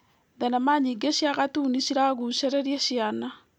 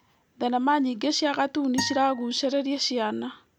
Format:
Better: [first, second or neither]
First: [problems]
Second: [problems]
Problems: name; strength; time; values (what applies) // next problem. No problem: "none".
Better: first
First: none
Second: background sound (Acoustic guitar); 13 dB below the speech